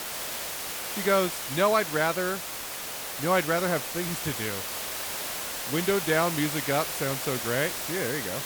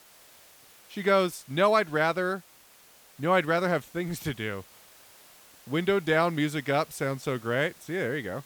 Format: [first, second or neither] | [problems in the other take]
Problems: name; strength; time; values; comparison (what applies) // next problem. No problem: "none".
second | hiss; loud; throughout; 4 dB below the speech; faint in the second